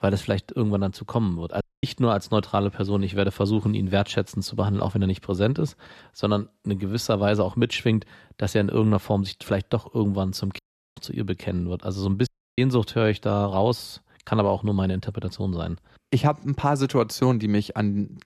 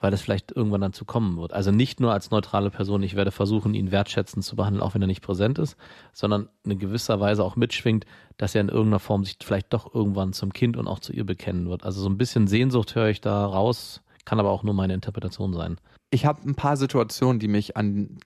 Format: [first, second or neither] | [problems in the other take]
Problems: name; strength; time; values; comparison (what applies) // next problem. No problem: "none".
second | audio cutting out; at 1.5 s, at 11 s and at 12 s